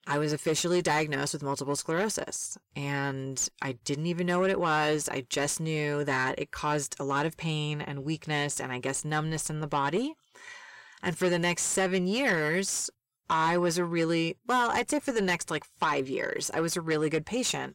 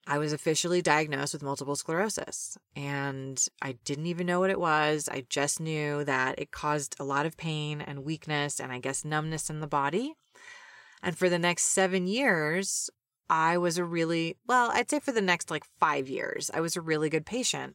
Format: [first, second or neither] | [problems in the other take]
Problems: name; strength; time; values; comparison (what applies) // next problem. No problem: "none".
second | distortion; slight; 10 dB below the speech